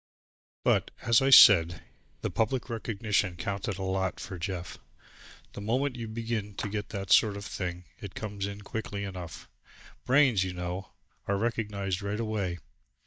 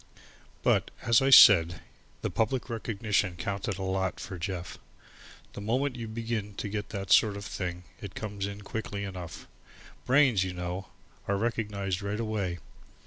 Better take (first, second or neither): second